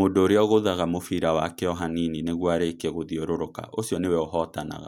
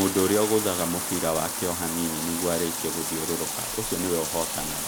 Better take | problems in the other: first | background sound (Bathtub (filling or washing)); 3 dB below the speech

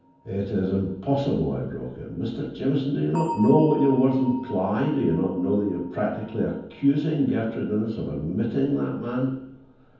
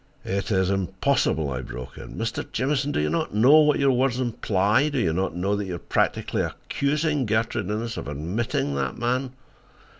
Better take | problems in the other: second | background sound (Bell); 17 dB below the speech // room echo; dies away in 0.9 s

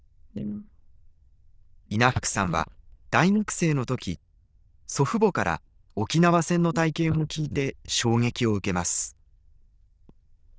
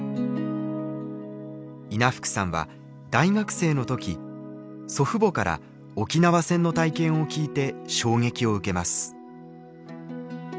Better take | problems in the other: second | noise reduction (neural diffusion model UNIVERSE++)

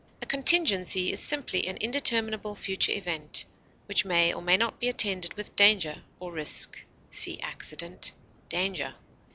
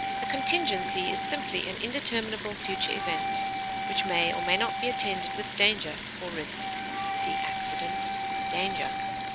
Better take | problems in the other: first | background sound (Wind instrument, woodwind instrument + Sink (filling or washing) / Water tap, faucet); 1 dB above the speech

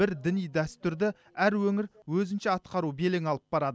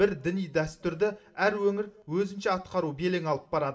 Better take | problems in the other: first | room echo; dies away in 0.4 s

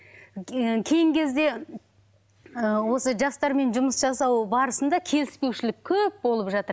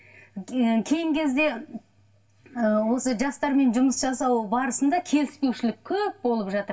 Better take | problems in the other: first | room echo; dies away in 0.2 s

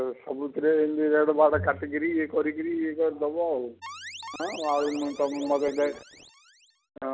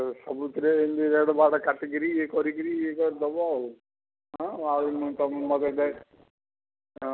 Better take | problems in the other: second | background sound (Alarm + Bowed string instrument); 17 dB below the speech

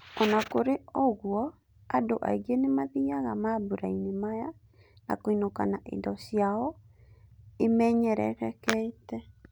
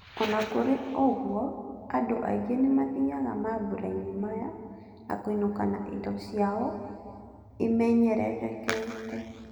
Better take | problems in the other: first | room echo; dies away in 2.3 s

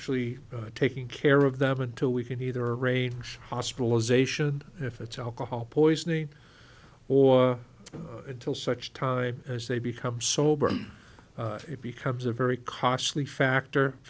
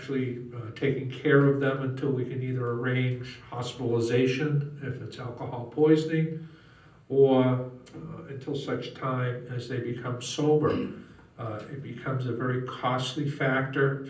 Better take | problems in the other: first | room echo; dies away in 0.6 s

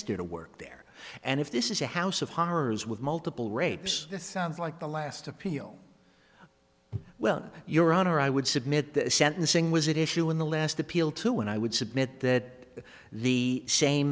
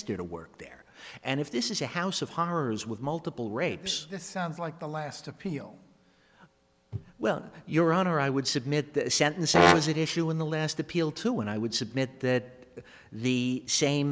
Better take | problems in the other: first | background sound (Brass instrument); 3 dB above the speech

